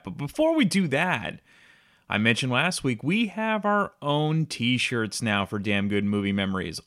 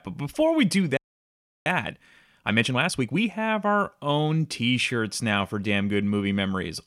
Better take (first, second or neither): first